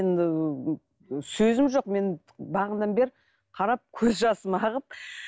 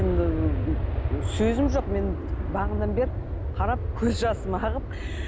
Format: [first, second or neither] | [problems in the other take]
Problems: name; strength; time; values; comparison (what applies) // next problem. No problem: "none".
first | background sound (Aircraft); 1 dB above the speech